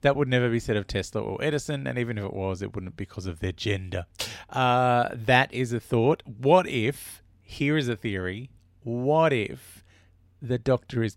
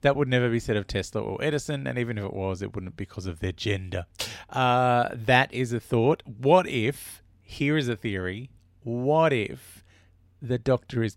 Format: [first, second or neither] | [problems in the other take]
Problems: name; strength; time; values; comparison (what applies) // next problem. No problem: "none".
neither | none